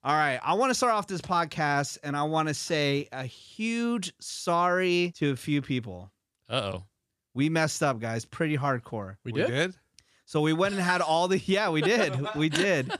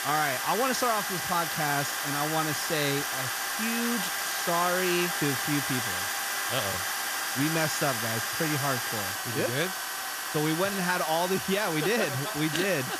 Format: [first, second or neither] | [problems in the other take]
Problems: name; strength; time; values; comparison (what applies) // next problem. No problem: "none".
first | machinery noise; very loud; throughout; as loud as the speech